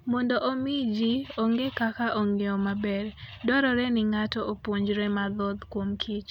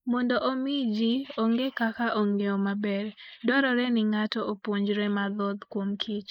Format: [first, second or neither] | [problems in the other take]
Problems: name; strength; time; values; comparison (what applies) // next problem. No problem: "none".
first | noise reduction (neural mask model Resemble Enhance denoiser)